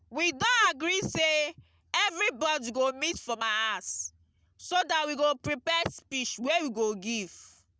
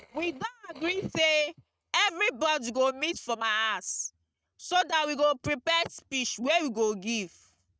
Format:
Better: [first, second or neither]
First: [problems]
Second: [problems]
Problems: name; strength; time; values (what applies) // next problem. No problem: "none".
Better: first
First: none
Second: noise reduction (neural mask model RNNoise)